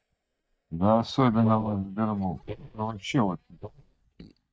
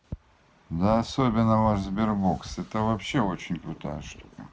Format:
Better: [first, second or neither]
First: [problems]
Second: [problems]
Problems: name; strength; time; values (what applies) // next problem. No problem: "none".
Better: second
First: noise reduction (neural mask model DeepFilterNet 3)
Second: none